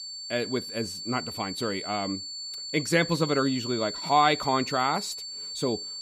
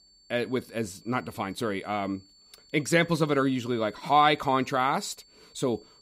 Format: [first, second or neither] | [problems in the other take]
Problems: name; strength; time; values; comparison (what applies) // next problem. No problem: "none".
second | high-pitched whine; loud; throughout; 4.5 kHz, 7 dB below the speech; faint in the second